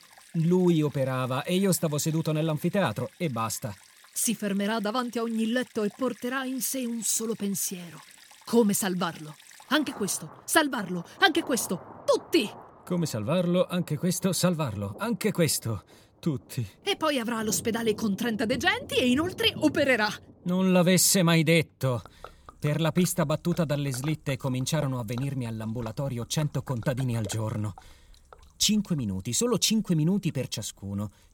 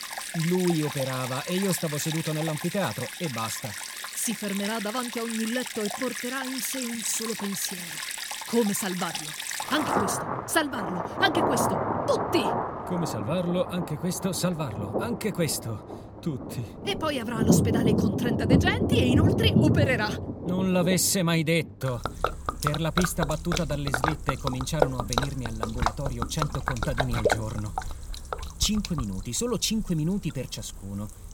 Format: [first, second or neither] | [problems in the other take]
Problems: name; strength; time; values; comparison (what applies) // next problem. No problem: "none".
first | rain or running water; loud; throughout; 1 dB below the speech; faint in the first